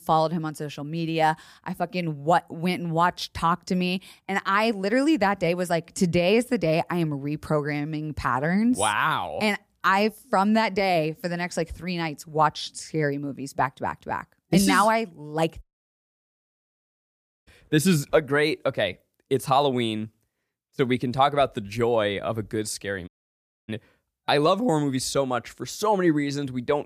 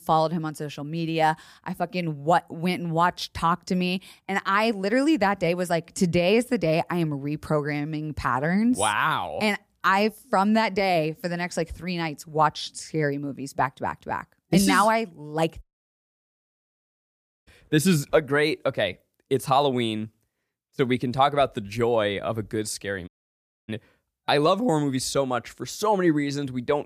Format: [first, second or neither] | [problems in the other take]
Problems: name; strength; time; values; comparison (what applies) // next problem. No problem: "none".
neither | audio cutting out; at 16 s for 2 s and at 23 s for 0.5 s; the same in both